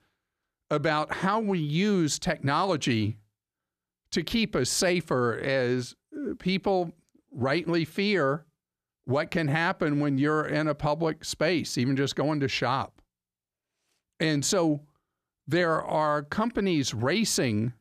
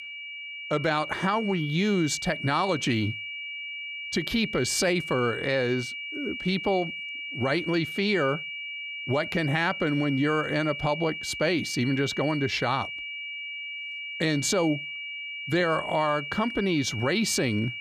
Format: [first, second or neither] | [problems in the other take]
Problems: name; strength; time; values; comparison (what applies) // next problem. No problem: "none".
first | high-pitched whine; loud; throughout; 2.5 kHz, 7 dB below the speech